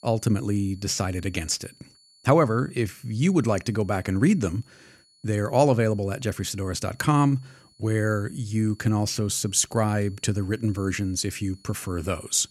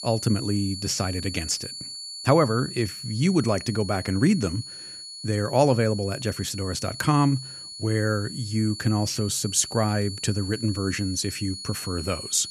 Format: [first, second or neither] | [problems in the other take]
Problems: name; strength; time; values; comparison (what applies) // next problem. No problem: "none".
first | high-pitched whine; loud; throughout; 4.5 kHz, 10 dB below the speech; faint in the first